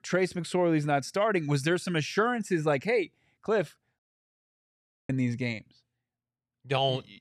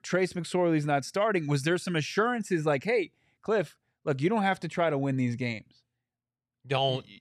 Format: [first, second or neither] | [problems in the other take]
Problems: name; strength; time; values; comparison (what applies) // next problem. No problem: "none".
second | audio cutting out; at 4 s for 1 s